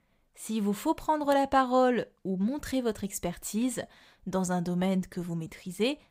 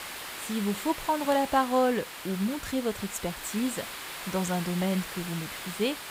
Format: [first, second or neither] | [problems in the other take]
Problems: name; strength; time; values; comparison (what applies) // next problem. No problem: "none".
first | hiss; loud; throughout; 8 dB below the speech